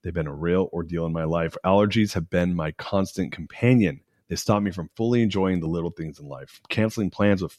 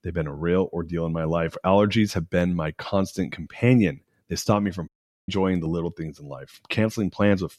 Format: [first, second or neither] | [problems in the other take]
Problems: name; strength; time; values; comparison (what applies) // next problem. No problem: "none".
first | audio cutting out; at 5 s